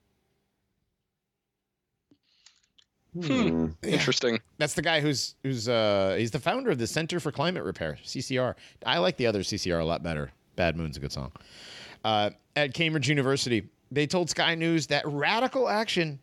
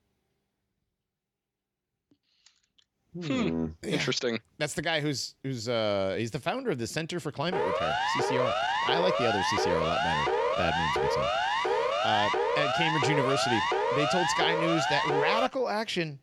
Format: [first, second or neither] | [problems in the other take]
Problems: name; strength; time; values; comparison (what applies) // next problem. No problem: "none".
first | siren; loud; from 7.5 to 15 s; peak 4 dB above the speech